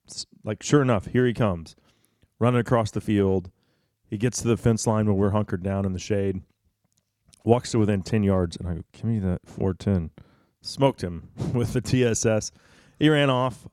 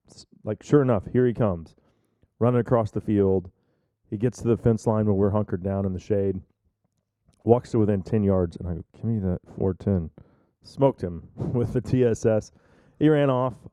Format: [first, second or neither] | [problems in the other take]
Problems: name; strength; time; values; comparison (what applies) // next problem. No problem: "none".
first | muffled; slightly; fading above 1.5 kHz